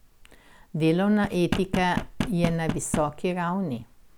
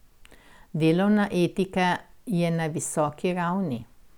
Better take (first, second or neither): second